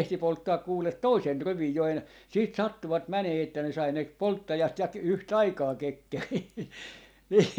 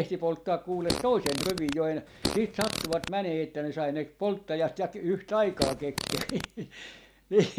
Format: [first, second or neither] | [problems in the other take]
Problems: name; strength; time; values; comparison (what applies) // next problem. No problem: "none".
first | background sound (Fart); 5 dB below the speech